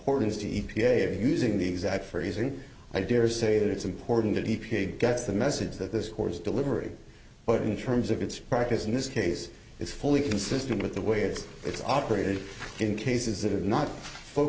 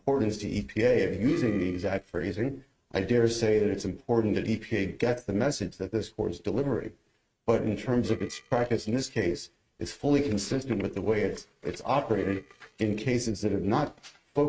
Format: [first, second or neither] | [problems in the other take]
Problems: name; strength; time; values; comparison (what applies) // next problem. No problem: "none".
first | noise reduction (neural mask model RNNoise)